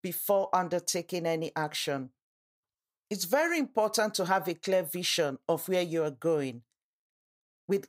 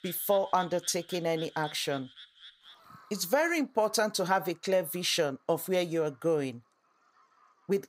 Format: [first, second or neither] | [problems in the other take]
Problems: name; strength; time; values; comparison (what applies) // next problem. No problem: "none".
first | animal sounds; noticeable; throughout; 20 dB below the speech